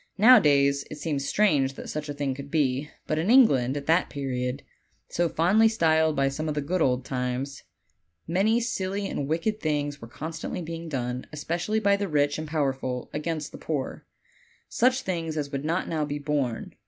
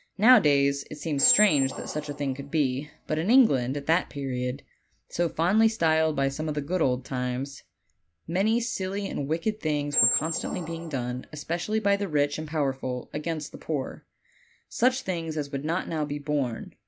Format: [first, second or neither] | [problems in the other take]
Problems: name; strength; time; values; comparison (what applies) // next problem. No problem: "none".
first | background sound (Squeak); 4 dB below the speech